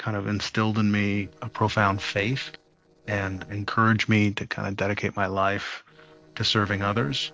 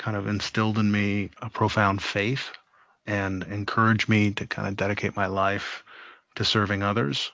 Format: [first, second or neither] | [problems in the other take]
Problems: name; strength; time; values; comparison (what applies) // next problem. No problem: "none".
second | noise reduction (neural separator model SepFormer DNS4)